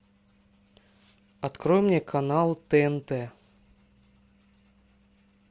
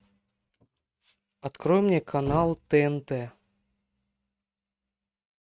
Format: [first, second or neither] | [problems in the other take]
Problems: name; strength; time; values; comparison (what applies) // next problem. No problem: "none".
first | noise reduction (neural mask model RNNoise)